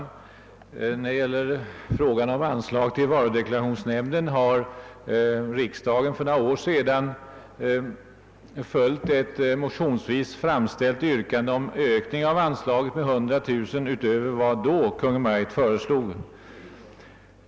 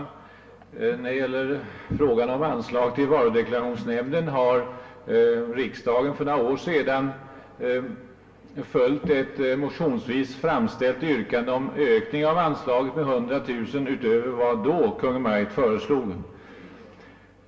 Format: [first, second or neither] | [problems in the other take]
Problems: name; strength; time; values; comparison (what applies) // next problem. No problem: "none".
first | room echo; dies away in 1 s